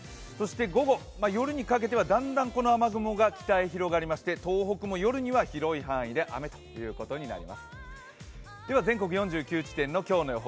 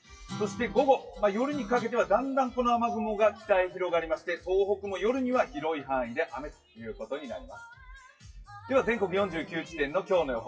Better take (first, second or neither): first